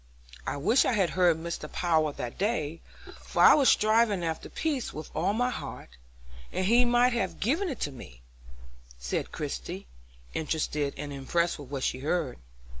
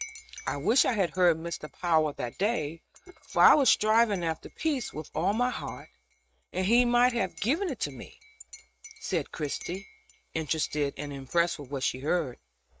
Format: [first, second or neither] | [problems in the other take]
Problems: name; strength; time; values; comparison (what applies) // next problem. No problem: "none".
first | noise reduction (neural mask model RNNoise)